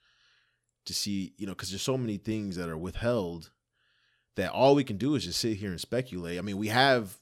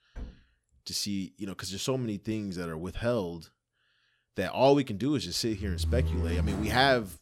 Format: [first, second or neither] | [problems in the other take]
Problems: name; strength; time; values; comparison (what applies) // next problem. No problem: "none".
first | door banging; faint; at the start; peak 15 dB below the speech // door banging; noticeable; from 5.5 s on; peak level with the speech